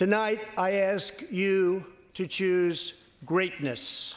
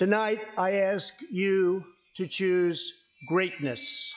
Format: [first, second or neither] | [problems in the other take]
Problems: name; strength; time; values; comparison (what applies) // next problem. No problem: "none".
first | noise reduction (classical method log-MMSE)